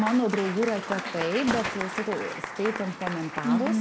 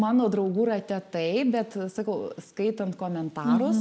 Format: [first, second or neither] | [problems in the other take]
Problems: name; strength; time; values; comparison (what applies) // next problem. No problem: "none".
second | background sound (Applause / Crowd + Gunshot, gunfire); 6 dB below the speech